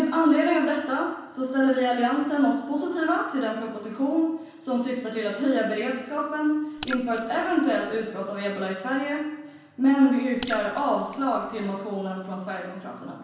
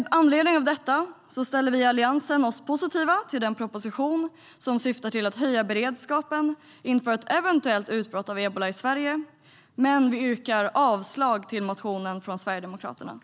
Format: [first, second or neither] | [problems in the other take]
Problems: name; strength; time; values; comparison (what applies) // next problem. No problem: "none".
second | background sound (Raindrop / Splash, splatter); 15 dB below the speech // room echo; dies away in 0.9 s